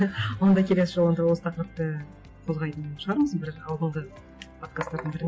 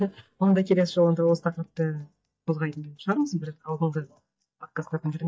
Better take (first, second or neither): first